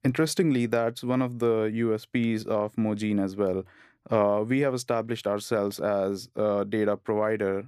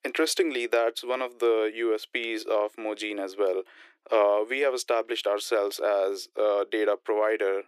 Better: first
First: none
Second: thin; very; fading below 350 Hz

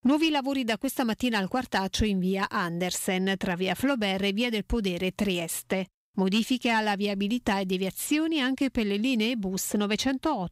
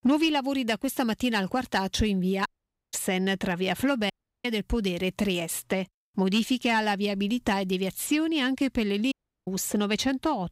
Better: first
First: none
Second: audio cutting out; at 2.5 s, at 4 s and at 9 s

